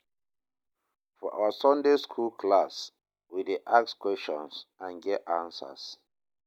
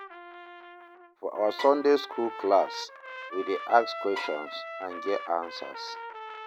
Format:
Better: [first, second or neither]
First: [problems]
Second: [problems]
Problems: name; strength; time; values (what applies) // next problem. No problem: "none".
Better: first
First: none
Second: background sound (Trumpet + Bowed string instrument); 11 dB below the speech